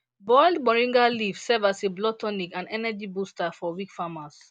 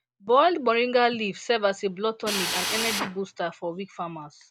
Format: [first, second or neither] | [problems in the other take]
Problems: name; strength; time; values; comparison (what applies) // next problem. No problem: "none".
first | background sound (Drill); 4 dB below the speech